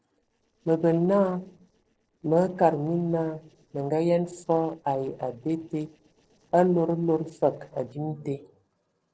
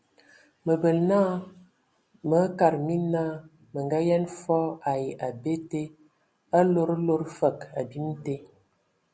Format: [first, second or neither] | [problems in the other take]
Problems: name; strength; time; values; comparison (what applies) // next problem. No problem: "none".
second | noise reduction (neural separator model SepFormer DNS4)